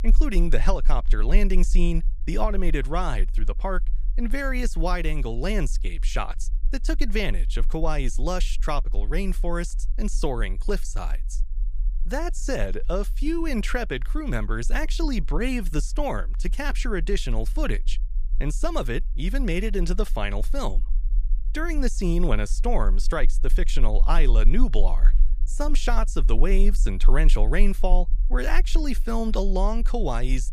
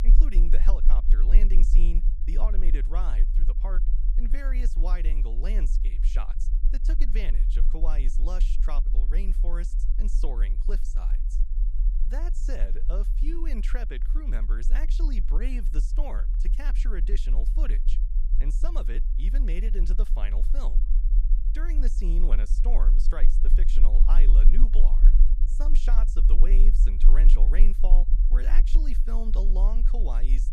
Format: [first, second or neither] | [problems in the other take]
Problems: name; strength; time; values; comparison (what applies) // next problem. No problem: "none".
first | low rumble; loud; throughout; 9 dB below the speech; faint in the first